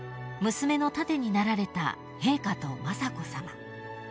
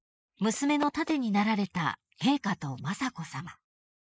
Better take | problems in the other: first | noise reduction (neural mask model Resemble Enhance denoiser)

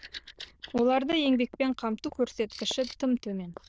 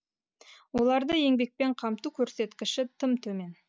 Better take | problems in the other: second | noise reduction (neural diffusion model UNIVERSE++)

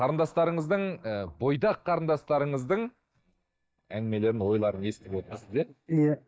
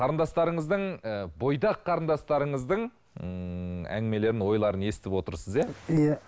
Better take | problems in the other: second | noise reduction (neural mask model DeepFilterNet 3)

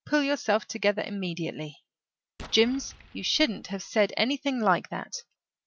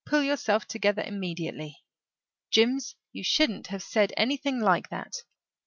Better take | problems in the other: second | background sound (Explosion); 19 dB below the speech

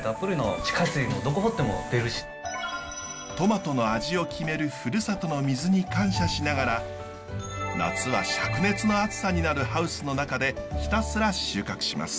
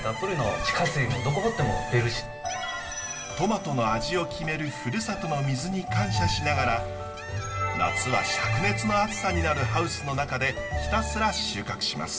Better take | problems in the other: first | background sound (Bird); 15 dB below the speech // room echo; dies away in 2.5 s

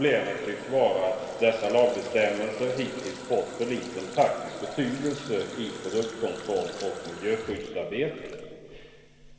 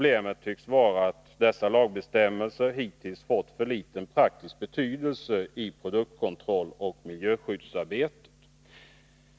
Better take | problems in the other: second | background sound (Water tap, faucet); 16 dB below the speech // room echo; dies away in 2.5 s

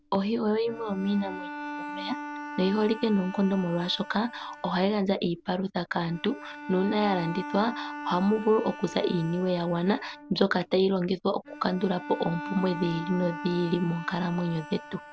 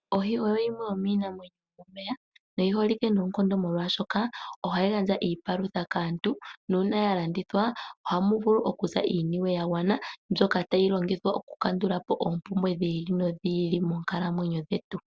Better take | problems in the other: second | background sound (Bowed string instrument); 12 dB below the speech

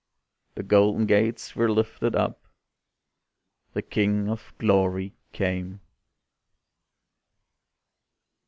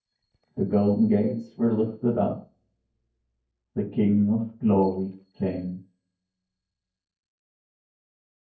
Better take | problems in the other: first | noise reduction (neural mask model DeepFilterNet 3)

